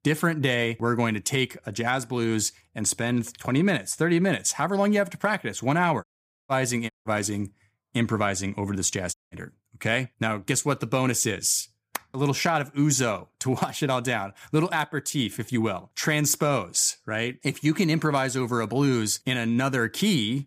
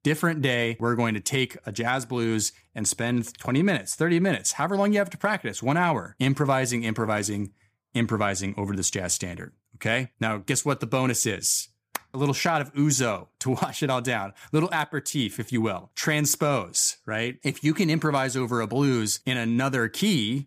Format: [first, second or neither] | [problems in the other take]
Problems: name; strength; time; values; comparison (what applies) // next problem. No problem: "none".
second | audio cutting out; at 6 s, at 7 s and at 9 s